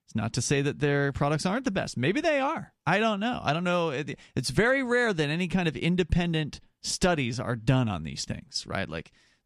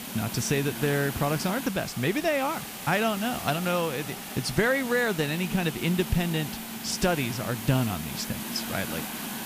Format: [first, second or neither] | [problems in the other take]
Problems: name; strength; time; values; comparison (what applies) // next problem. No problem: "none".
first | hiss; loud; throughout; 7 dB below the speech